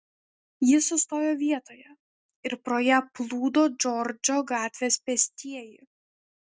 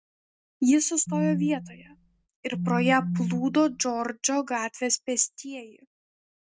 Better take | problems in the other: first | background sound (Telephone); 4 dB below the speech

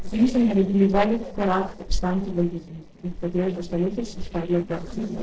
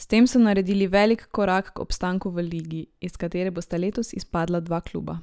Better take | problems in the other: second | noise reduction (neural separator model SepFormer DNS4)

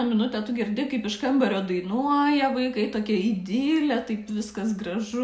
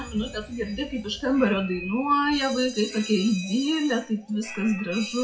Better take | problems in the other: first | noise reduction (classical method WPE with log-MMSE)

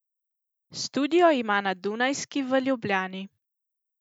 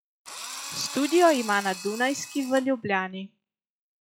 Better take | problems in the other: first | noise reduction (classical method log-MMSE)

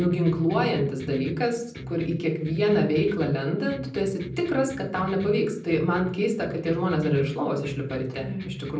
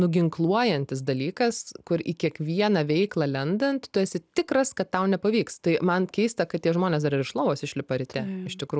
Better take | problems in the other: second | background sound (Electric guitar); 12 dB below the speech // room echo; dies away in 0.6 s

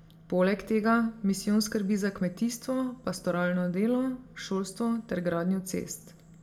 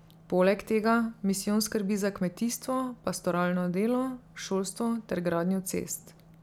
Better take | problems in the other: second | room echo; dies away in 0.5 s

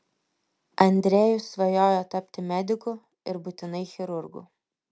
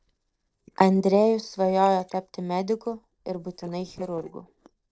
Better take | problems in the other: first | noise reduction (neural separator model SepFormer DNS4)

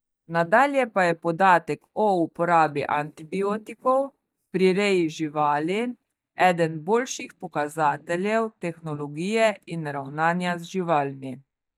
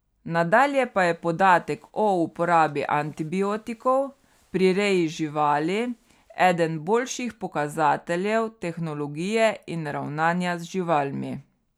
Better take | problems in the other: second | noise reduction (neural mask model DeepFilterNet 3)

